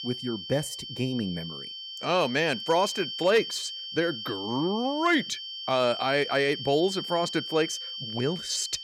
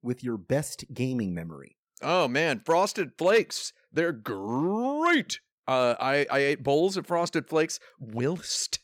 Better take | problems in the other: second | high-pitched whine; loud; throughout; 3 kHz, 7 dB below the speech

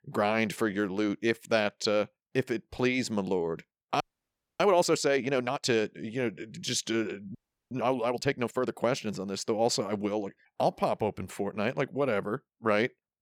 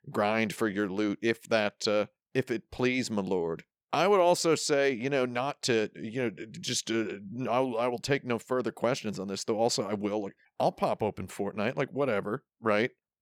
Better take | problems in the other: second | audio freezing; at 4 s for 0.5 s and at 7.5 s

